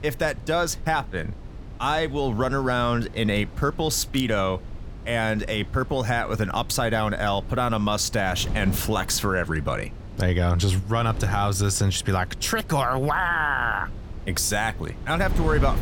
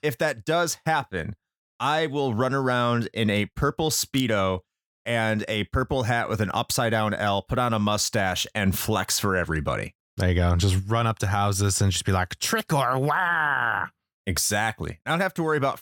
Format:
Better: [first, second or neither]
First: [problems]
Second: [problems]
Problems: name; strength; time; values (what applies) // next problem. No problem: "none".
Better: second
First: wind noise on the microphone; occasional gusts; 20 dB below the speech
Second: none